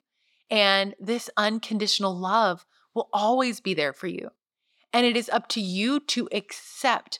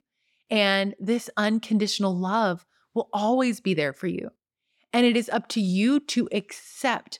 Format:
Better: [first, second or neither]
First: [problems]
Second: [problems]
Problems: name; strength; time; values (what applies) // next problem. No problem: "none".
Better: second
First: thin; very slightly; fading below 650 Hz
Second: none